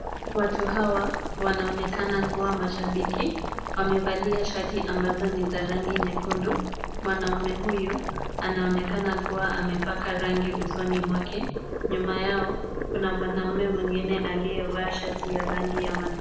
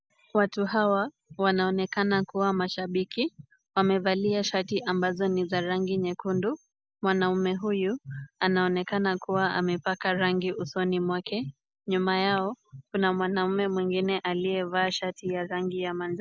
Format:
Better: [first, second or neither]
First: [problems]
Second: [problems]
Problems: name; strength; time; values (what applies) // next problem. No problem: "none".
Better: second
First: background sound (Boiling); 3 dB below the speech // room echo; dies away in 0.9 s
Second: none